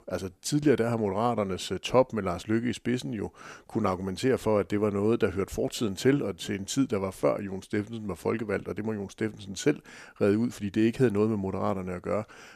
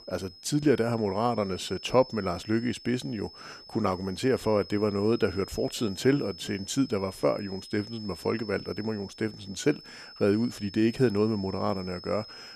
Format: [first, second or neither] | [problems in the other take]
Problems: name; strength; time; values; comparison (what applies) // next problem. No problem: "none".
first | high-pitched whine; noticeable; throughout; 5 kHz, 15 dB below the speech